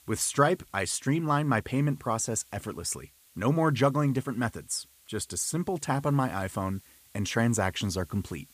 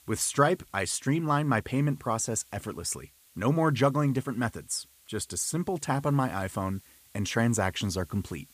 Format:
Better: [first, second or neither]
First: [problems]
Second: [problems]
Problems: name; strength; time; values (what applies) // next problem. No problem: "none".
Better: neither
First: hiss; faint; throughout; 25 dB below the speech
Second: hiss; faint; throughout; 25 dB below the speech